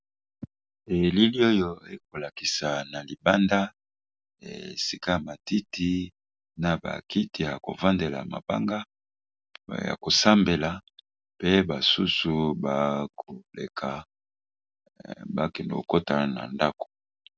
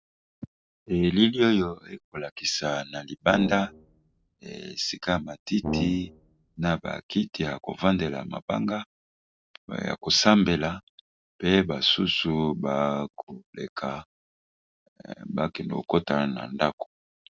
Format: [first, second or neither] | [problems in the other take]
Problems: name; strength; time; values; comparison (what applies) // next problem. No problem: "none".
first | noise reduction (neural separator model SepFormer DNS4)